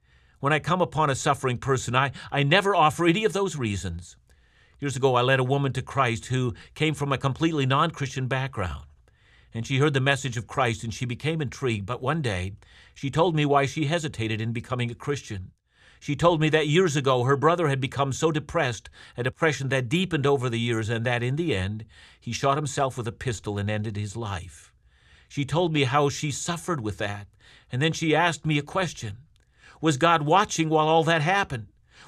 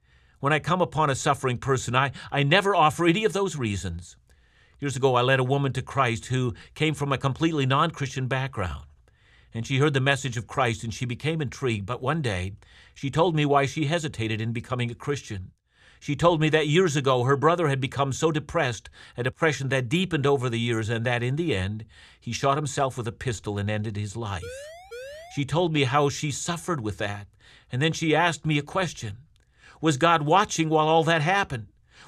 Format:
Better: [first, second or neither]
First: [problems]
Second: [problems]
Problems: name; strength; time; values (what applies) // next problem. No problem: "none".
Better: first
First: none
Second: siren; faint; at 24 s; peak 15 dB below the speech